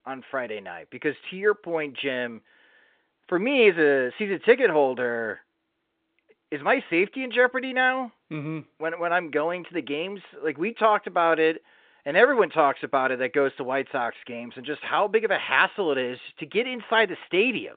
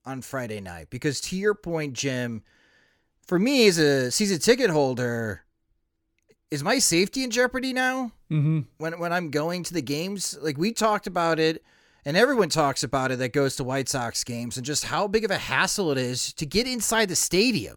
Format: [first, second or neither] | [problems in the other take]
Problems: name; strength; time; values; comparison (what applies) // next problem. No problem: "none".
second | phone-call audio; nothing above 3.5 kHz